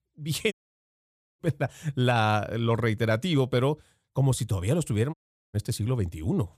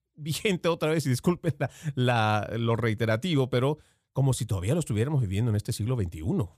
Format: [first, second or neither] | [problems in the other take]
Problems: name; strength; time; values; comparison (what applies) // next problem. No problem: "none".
second | audio cutting out; at 0.5 s for 1 s and at 5 s